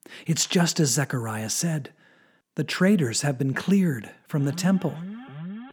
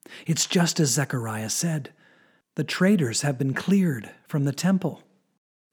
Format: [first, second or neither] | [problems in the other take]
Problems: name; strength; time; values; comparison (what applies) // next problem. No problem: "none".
second | alarm; faint; from 4.5 s on; peak 15 dB below the speech